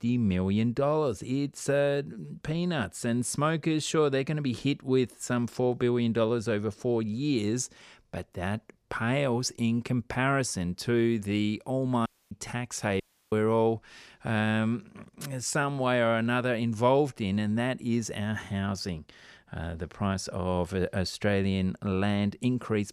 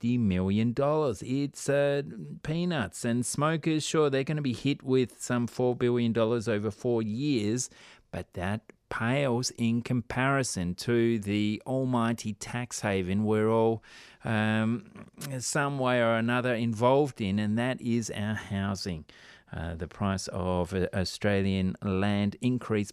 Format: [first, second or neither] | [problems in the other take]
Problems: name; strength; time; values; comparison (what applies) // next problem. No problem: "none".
second | audio cutting out; at 12 s and at 13 s